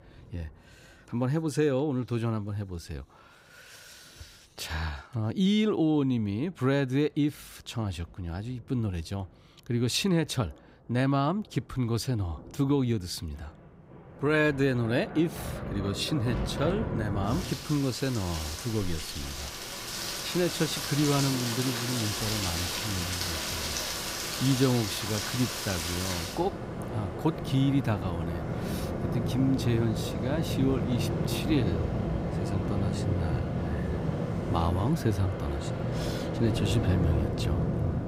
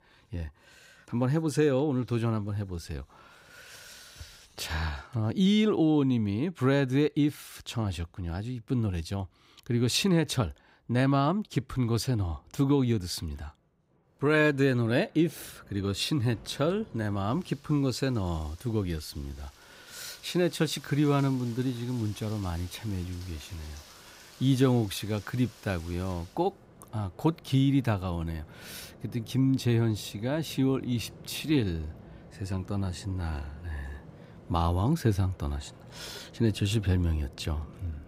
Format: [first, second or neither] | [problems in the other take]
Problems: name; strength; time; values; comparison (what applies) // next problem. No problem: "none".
second | rain or running water; loud; throughout; 2 dB below the speech; faint in the second